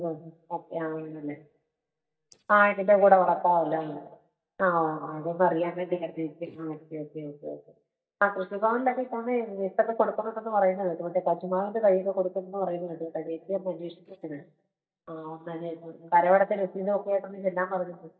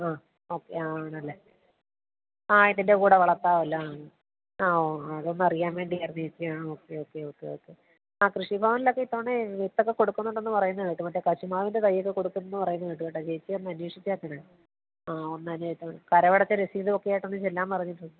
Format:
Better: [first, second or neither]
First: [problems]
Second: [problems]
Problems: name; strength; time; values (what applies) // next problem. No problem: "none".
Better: second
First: noise reduction (neural mask model DeepFilterNet 3)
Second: none